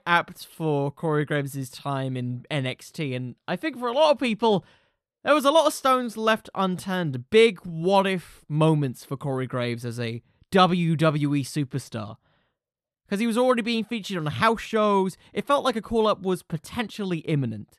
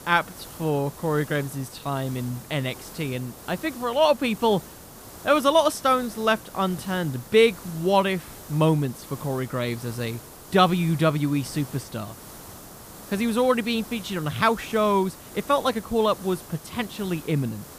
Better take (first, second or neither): first